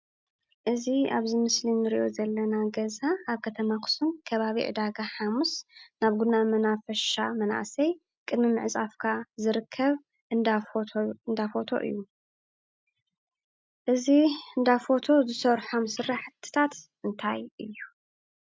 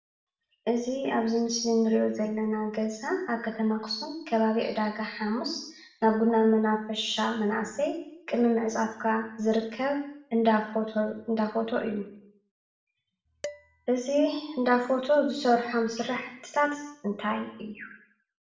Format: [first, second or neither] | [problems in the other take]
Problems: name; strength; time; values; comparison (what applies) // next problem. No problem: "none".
first | background sound (Dishes, pots, and pans); 19 dB below the speech // room echo; dies away in 0.7 s